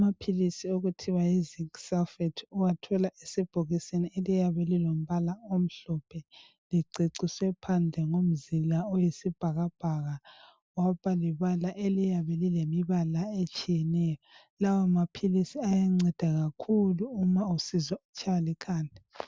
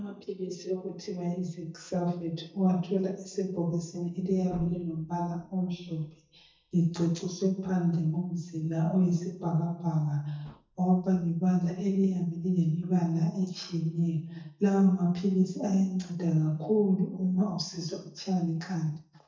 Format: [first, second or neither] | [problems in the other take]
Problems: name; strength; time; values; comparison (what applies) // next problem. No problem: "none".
first | noise reduction (neural mask model DeepFilterNet 3)